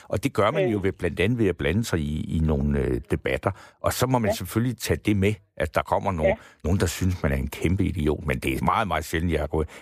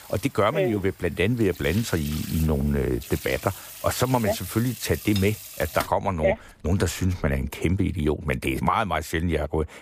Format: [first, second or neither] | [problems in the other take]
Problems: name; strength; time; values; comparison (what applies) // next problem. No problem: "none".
first | household noises; noticeable; until 7 s; 15 dB below the speech